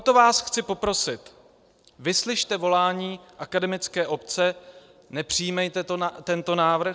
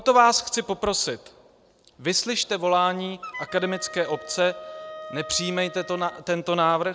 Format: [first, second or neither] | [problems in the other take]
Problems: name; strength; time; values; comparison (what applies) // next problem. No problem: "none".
first | background sound (Wind instrument, woodwind instrument); 14 dB below the speech